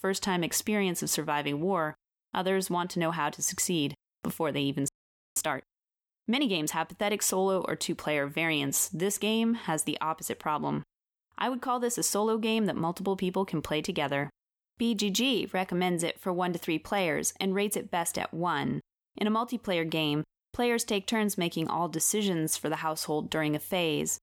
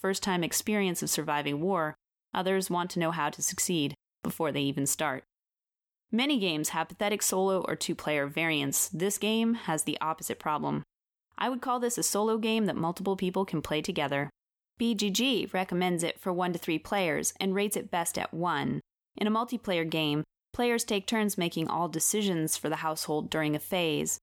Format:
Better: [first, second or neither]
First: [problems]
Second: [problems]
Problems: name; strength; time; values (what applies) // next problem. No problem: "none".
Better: second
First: audio freezing; at 5 s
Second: none